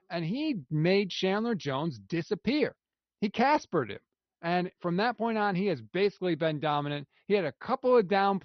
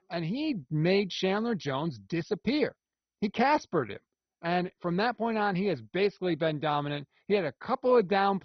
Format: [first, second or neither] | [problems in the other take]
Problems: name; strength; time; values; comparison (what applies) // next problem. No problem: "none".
first | garbled, watery; badly; nothing above 6 kHz; slightly in the first